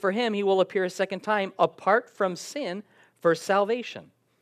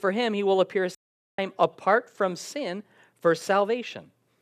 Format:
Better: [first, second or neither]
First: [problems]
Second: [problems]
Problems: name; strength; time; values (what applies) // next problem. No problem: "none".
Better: first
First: none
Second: audio cutting out; at 1 s